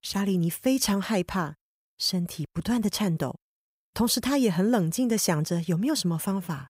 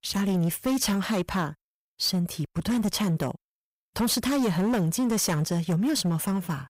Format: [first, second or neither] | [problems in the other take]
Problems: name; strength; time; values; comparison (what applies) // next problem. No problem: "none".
first | distortion; slight; 16% of the sound clipped